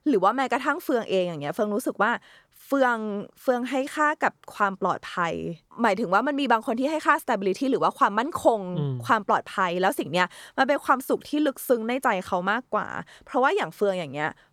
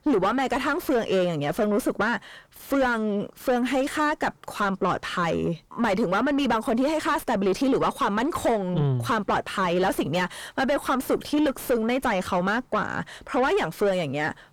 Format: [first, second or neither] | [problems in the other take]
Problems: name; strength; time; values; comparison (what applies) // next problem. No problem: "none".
first | distortion; heavy; 5 dB below the speech